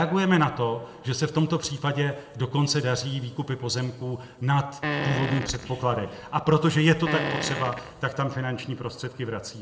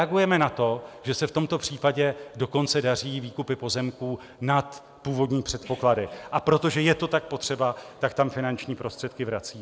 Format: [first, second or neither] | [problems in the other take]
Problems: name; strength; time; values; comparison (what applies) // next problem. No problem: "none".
second | background sound (Fart); 5 dB below the speech // room echo; dies away in 1.7 s